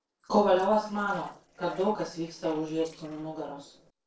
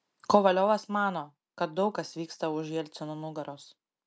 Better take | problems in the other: second | noise reduction (neural separator model SepFormer DNS4)

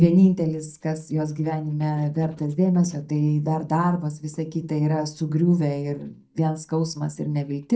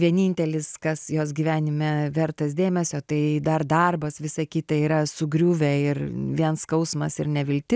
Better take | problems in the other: second | noise reduction (neural mask model DeepFilterNet 3)

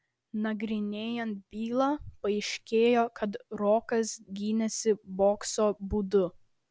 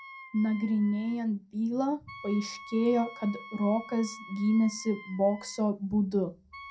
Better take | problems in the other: first | background sound (Wind instrument, woodwind instrument); 18 dB below the speech // room echo; dies away in 0.2 s

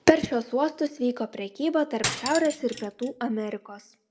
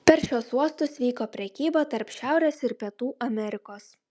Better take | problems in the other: second | background sound (Cutlery, silverware); 8 dB below the speech // room echo; dies away in 0.4 s

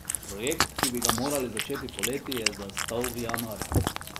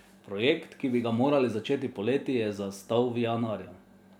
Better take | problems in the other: second | background sound (Cat); 3 dB above the speech

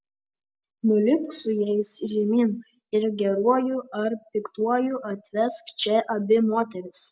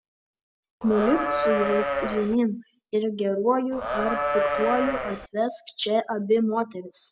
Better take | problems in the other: first | background sound (Livestock, farm animals, working animals); as loud as the speech

